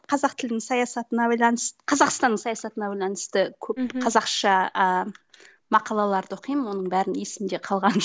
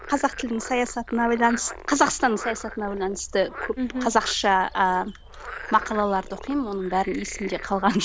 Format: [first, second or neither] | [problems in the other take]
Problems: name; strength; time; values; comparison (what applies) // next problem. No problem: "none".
first | background sound (Frog); 14 dB below the speech